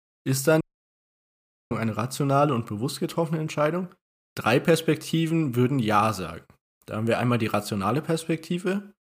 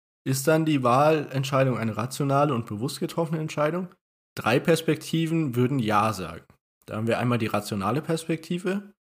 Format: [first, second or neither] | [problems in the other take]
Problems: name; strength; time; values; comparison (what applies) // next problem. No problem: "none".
second | audio cutting out; at 0.5 s for 1 s